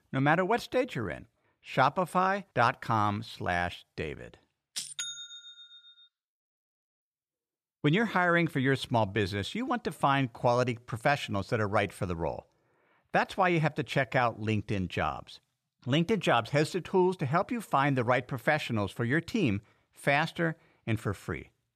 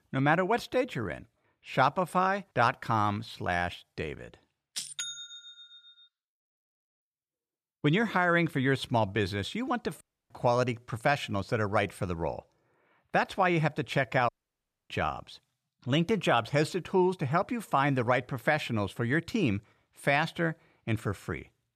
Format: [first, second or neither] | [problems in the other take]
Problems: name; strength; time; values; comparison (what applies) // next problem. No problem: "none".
first | audio cutting out; at 10 s and at 14 s for 0.5 s